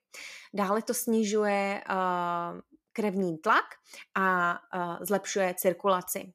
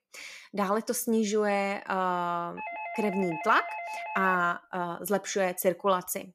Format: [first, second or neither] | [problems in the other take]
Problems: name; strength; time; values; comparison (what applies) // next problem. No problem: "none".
first | doorbell; noticeable; from 2.5 to 4.5 s; peak 7 dB below the speech